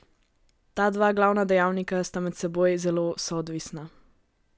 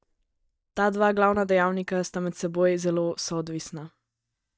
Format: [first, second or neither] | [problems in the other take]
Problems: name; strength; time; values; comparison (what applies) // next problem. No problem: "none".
first | noise reduction (neural mask model DeepFilterNet 3)